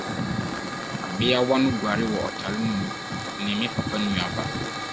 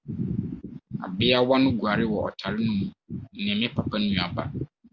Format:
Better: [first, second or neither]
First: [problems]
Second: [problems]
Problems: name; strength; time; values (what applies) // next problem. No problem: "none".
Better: second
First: background sound (Hiss / Fire); 6 dB below the speech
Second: none